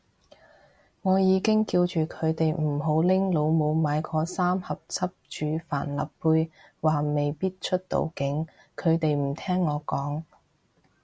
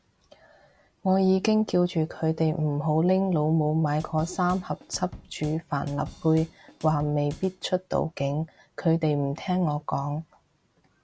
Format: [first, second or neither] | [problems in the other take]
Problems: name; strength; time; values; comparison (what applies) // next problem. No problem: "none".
first | background sound (Drum / Drum kit); 19 dB below the speech